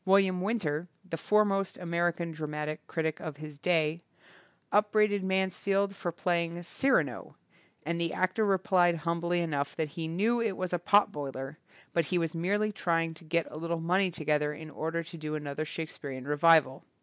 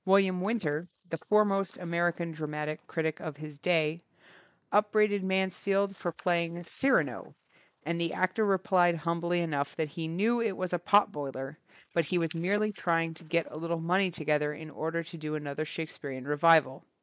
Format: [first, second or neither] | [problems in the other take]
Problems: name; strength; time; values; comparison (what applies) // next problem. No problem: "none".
first | noise reduction (neural mask model Resemble Enhance denoiser)